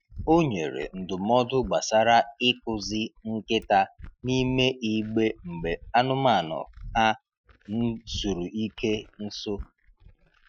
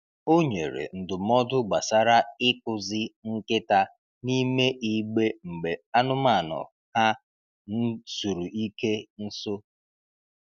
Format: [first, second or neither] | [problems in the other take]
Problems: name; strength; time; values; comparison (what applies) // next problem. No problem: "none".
second | noise reduction (classical method Wiener filter)